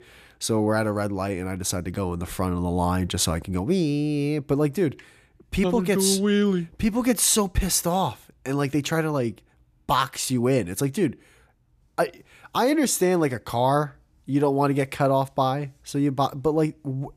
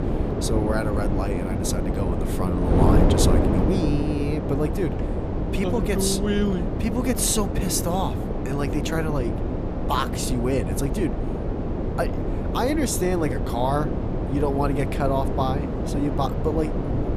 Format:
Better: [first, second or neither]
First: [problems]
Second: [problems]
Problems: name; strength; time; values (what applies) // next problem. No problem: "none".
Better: first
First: none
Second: wind noise on the microphone; heavy; 3 dB below the speech